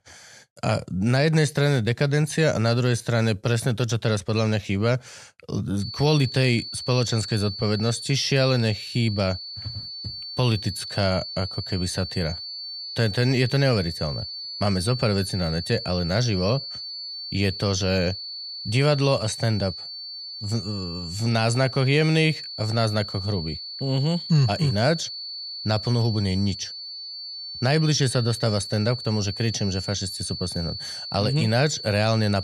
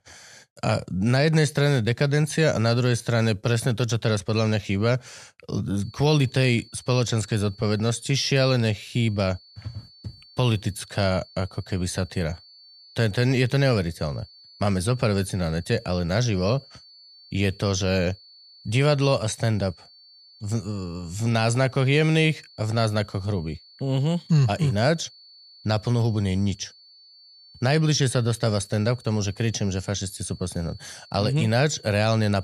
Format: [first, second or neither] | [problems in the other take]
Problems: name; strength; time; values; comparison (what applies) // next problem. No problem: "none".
second | high-pitched whine; loud; from 6 s on; 4.5 kHz, 8 dB below the speech; faint in the second